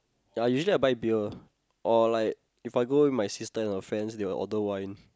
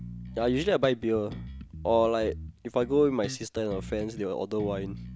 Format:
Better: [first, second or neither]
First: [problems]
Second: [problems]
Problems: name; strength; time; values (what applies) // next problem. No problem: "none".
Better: first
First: none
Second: background sound (Bass guitar); 13 dB below the speech